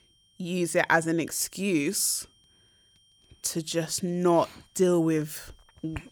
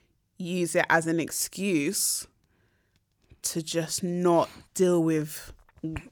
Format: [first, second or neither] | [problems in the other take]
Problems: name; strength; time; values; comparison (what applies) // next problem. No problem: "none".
second | high-pitched whine; faint; throughout; 3 kHz, 35 dB below the speech